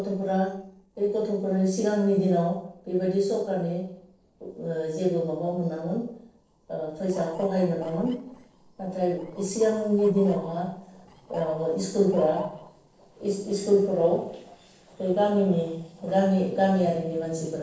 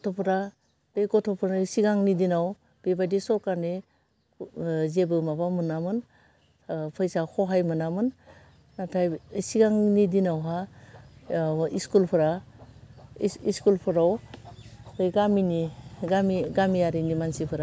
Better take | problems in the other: second | noise reduction (neural separator model SepFormer DNS4)

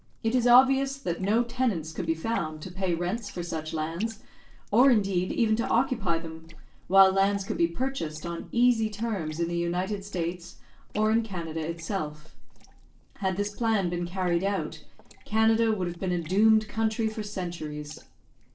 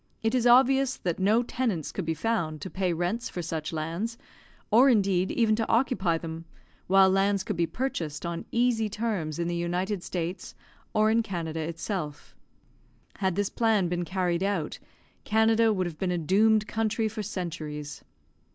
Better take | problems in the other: second | noise reduction (neural separator model SepFormer DNS4)

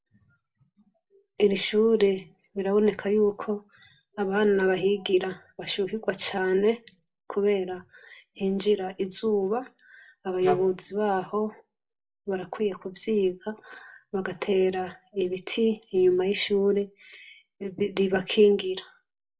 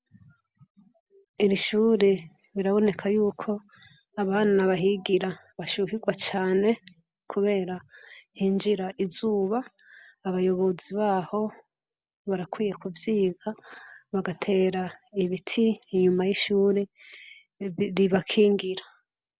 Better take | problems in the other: second | noise reduction (neural separator model SepFormer DNS4)

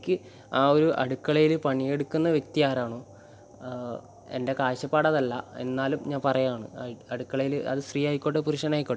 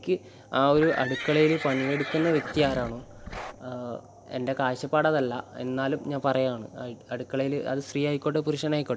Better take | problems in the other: first | background sound (Livestock, farm animals, working animals); 8 dB below the speech

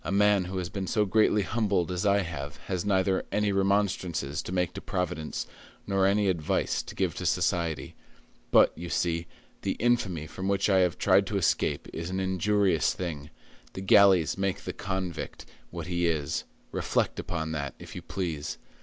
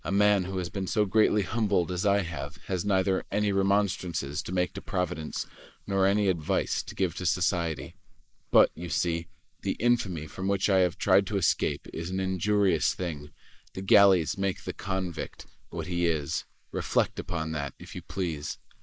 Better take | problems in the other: first | noise reduction (neural mask model Resemble Enhance denoiser)

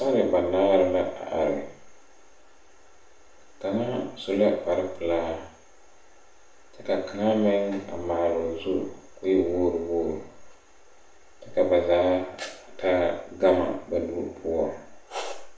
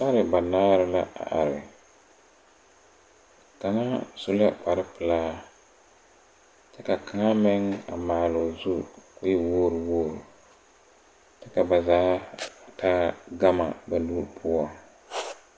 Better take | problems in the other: second | room echo; dies away in 0.5 s

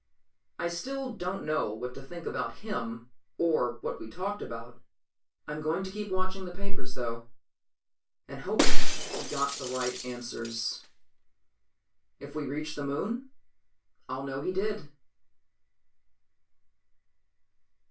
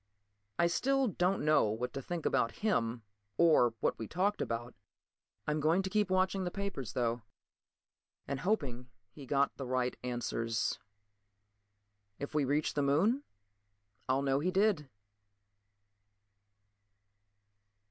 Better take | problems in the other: second | background sound (Shatter); 11 dB below the speech // room echo; dies away in 0.2 s

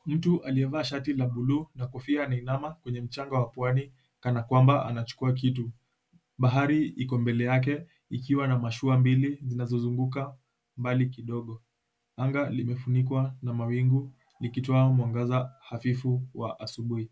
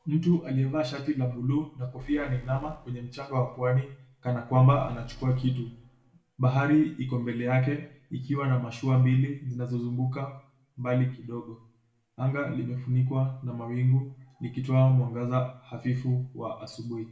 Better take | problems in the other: first | background sound (Alarm); 19 dB below the speech // room echo; dies away in 0.5 s

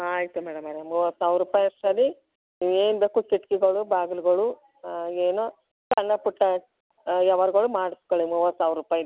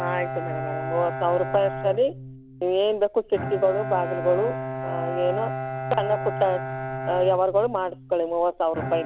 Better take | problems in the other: first | background sound (Bowed string instrument); 7 dB below the speech

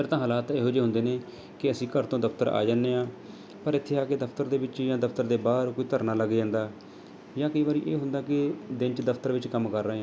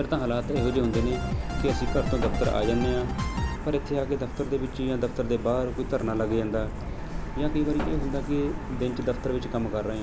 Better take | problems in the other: first | background sound (Drum kit + Truck); 3 dB below the speech

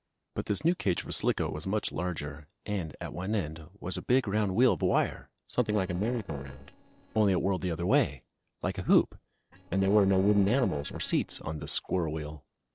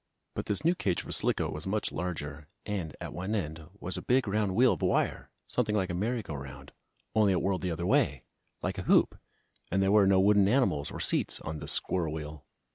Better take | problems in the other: second | noise reduction (neural separator model SepFormer DNS4)

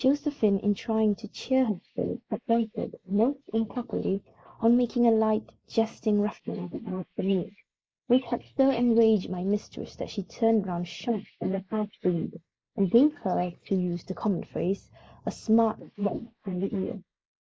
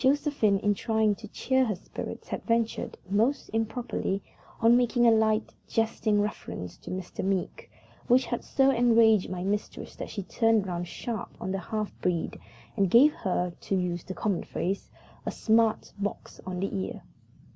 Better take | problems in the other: second | noise reduction (neural mask model Resemble Enhance denoiser)

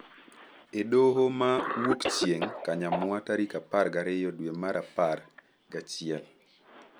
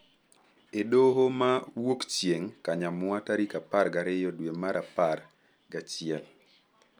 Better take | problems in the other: second | background sound (Cough); 9 dB below the speech

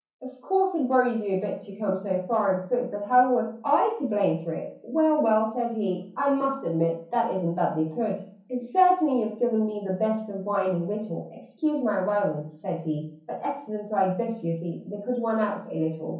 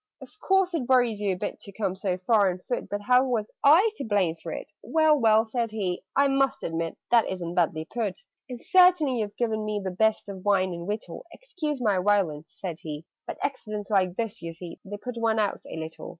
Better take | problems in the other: second | room echo; dies away in 0.6 s

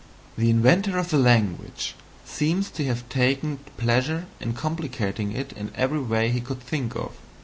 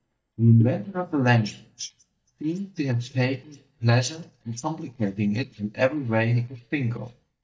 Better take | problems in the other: first | noise reduction (neural mask model DeepFilterNet 3)

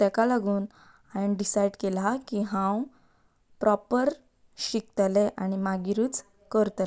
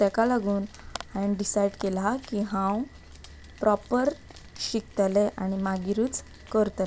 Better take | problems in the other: first | background sound (Rain); 19 dB below the speech

